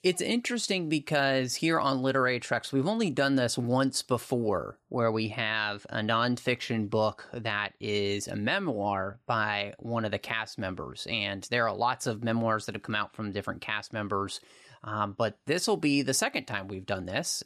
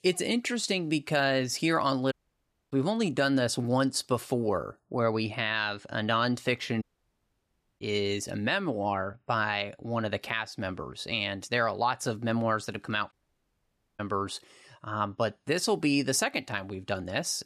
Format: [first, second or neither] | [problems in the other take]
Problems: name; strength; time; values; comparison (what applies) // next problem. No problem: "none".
first | audio cutting out; at 2 s for 0.5 s, at 7 s for 1 s and at 13 s for 1 s